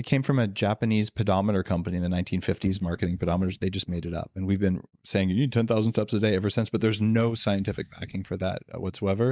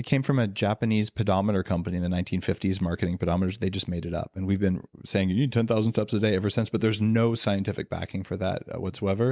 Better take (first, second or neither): second